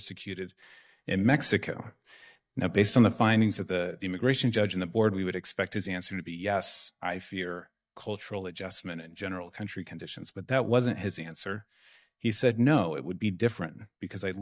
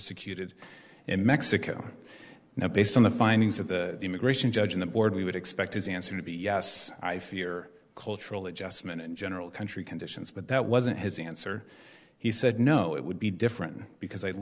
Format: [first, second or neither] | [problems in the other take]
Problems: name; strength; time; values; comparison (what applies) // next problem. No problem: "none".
second | noise reduction (neural mask model DeepFilterNet 3)